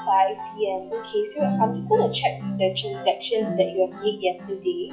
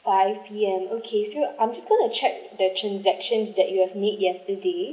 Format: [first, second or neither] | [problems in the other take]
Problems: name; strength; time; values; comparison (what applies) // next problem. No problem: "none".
second | noise reduction (classical method log-MMSE)